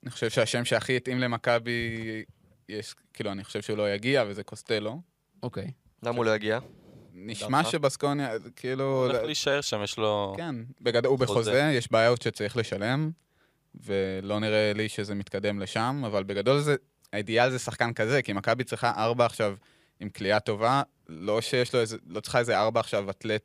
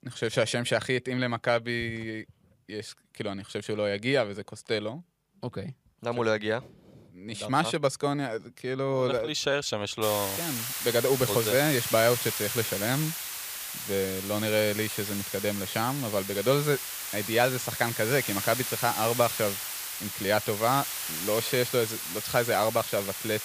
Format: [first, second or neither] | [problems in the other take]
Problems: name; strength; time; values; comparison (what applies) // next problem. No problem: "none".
first | hiss; loud; from 10 s on; 4 dB below the speech